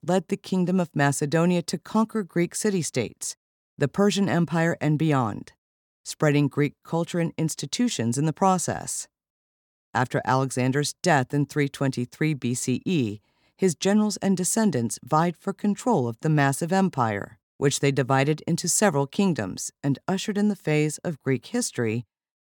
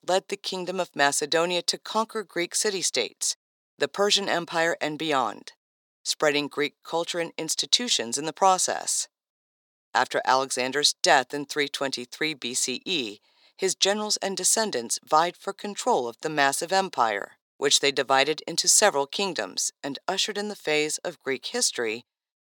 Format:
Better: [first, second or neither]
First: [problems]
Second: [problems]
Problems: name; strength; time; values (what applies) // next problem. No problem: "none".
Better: first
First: none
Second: thin; very; fading below 550 Hz